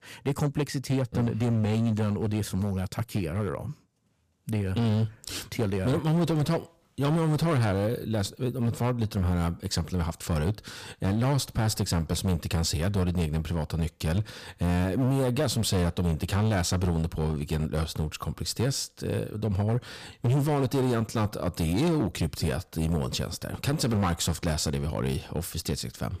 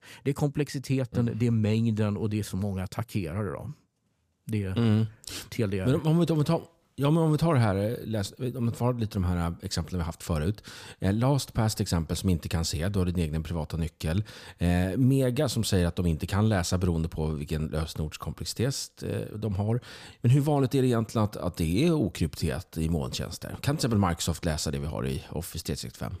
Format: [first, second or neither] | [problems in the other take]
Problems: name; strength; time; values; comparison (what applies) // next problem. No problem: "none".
second | distortion; slight; 12% of the sound clipped